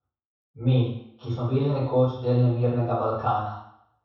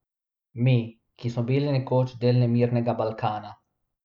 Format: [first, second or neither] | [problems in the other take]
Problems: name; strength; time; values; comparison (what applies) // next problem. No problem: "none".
second | room echo; dies away in 0.7 s